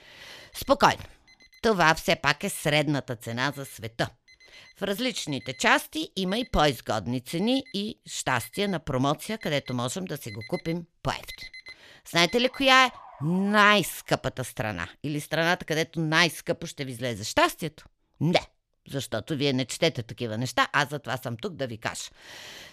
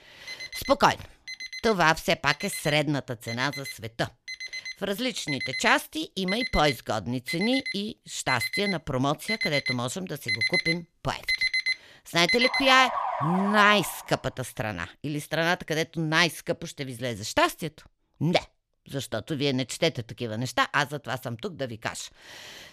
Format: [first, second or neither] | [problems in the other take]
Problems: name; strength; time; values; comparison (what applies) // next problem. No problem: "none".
first | alarms or sirens; loud; until 14 s; 4 dB below the speech; faint in the first